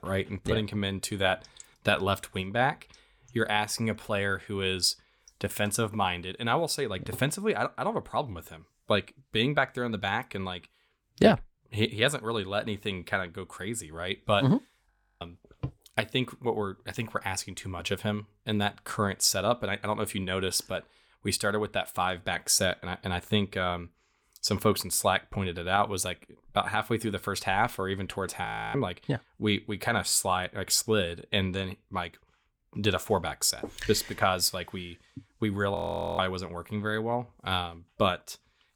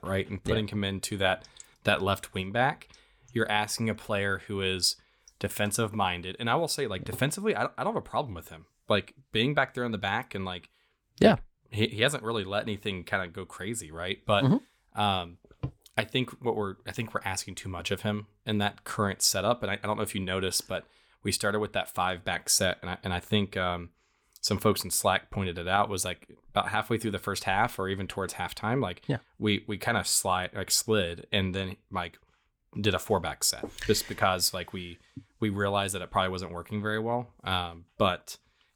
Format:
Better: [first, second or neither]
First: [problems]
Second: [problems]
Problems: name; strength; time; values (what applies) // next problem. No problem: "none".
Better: second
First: audio freezing; at 15 s, at 28 s and at 36 s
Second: none